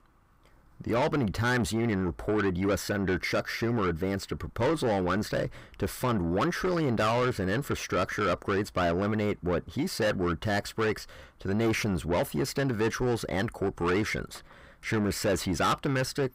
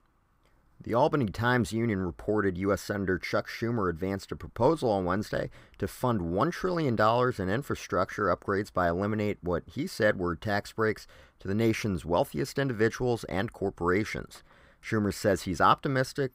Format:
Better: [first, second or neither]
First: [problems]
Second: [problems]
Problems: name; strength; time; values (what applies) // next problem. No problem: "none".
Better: second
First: distortion; heavy; 7 dB below the speech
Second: none